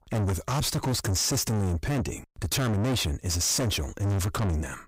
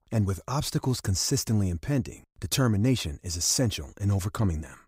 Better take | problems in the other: second | distortion; heavy; 5 dB below the speech

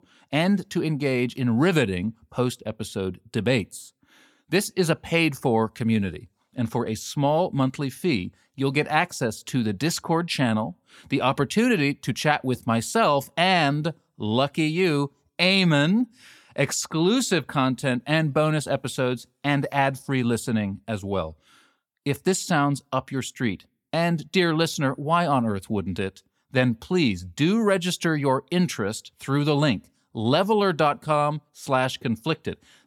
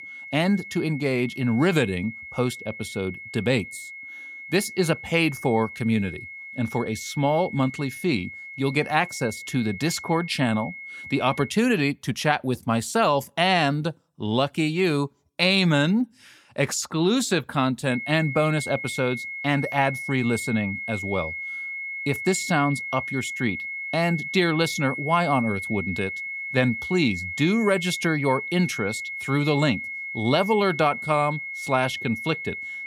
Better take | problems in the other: first | high-pitched whine; loud; until 11 s and from 18 s on; 2 kHz, 8 dB below the speech

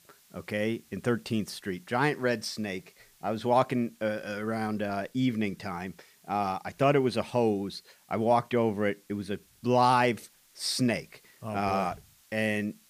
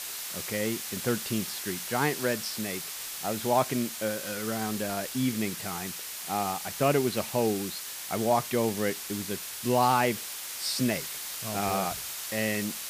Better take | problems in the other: first | hiss; loud; throughout; 5 dB below the speech; faint in the first

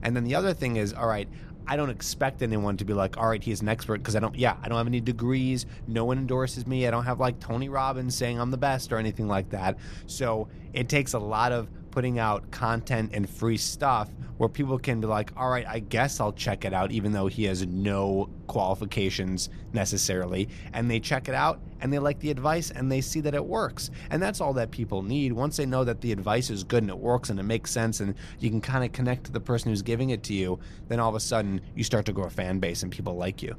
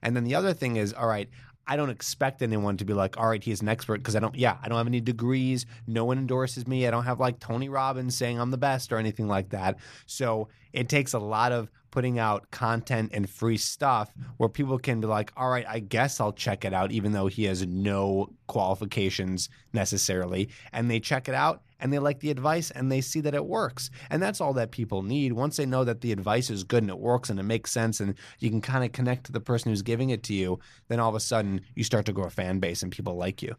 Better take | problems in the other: second | low rumble; faint; throughout; 25 dB below the speech

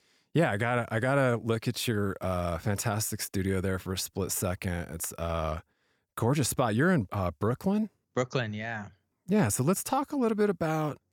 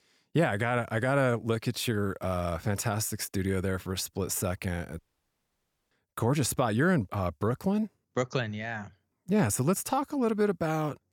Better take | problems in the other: first | audio cutting out; at 5 s for 1 s

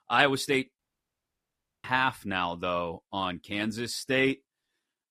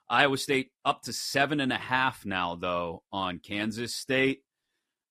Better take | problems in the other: second | audio cutting out; at 1 s for 1 s

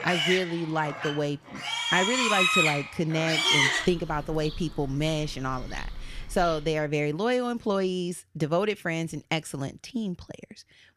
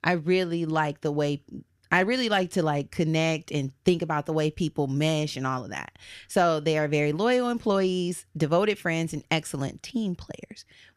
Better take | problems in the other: second | animal sounds; very loud; until 6.5 s; 4 dB above the speech

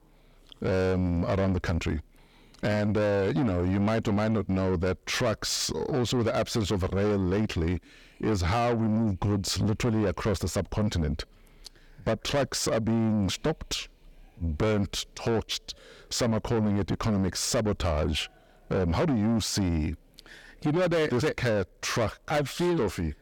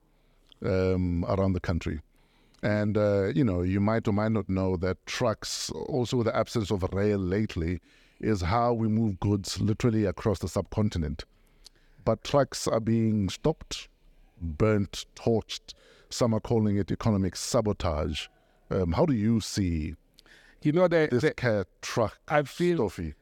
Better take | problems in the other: second | distortion; heavy; 8 dB below the speech

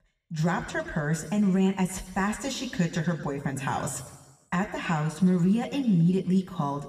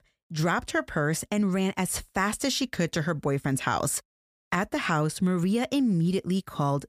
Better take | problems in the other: second | room echo; slight; dies away in 1.1 s // off-mic speech; somewhat distant

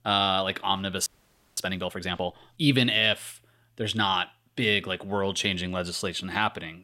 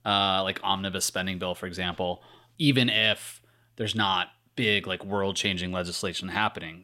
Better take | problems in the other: second | audio freezing; at 1 s for 0.5 s

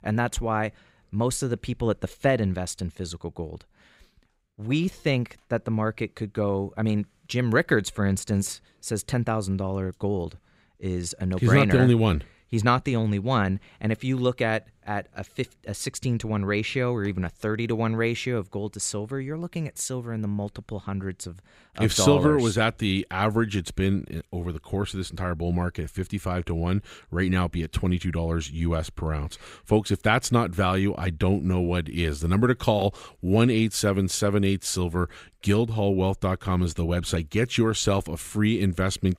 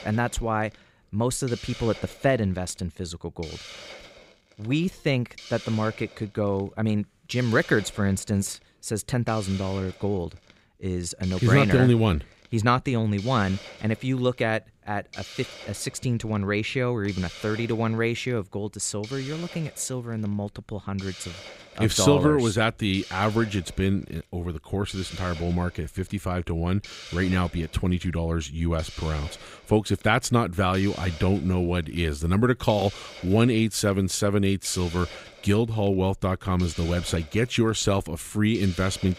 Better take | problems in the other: first | hiss; noticeable; throughout; 15 dB below the speech

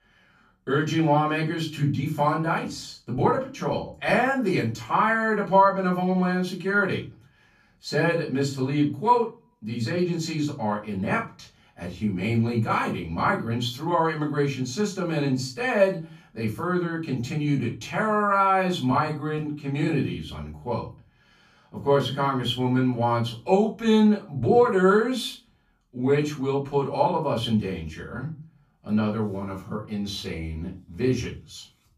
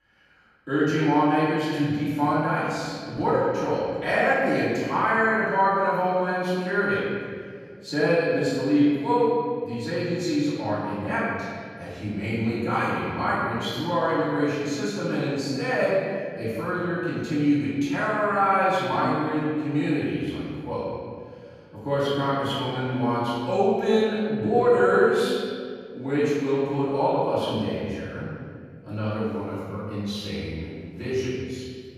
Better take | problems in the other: first | room echo; strong; dies away in 2 s; slight in the first // off-mic speech; far; far in the first

